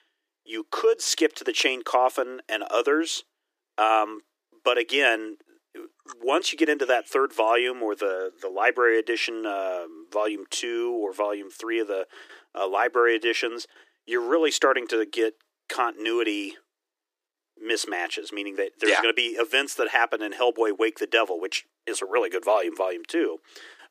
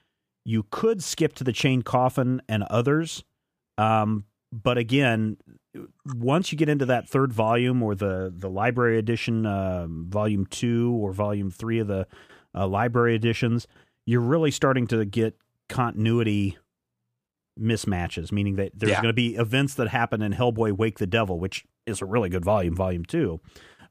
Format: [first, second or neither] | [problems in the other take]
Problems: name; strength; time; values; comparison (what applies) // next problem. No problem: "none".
second | thin; very; fading below 300 Hz